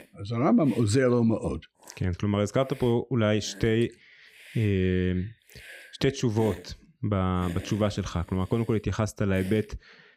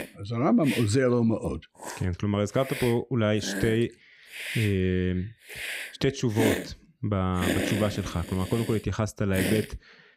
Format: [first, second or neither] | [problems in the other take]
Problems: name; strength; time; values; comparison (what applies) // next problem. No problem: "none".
first | hiss; loud; throughout; 7 dB below the speech; faint in the first